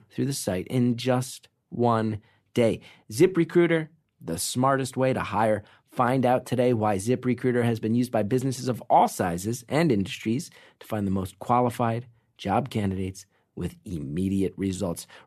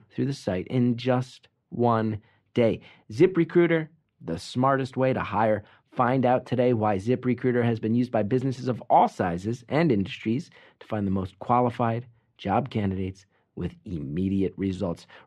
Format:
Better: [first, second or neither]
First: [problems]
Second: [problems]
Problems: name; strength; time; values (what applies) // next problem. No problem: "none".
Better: first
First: none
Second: muffled; slightly; fading above 3.5 kHz